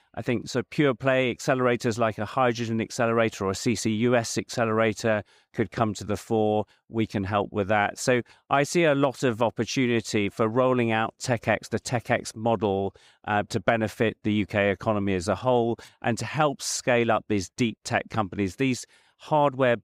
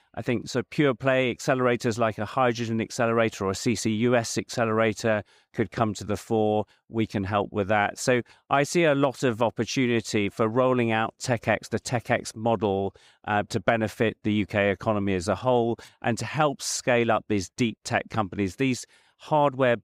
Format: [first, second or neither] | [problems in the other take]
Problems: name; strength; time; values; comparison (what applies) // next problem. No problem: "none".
neither | none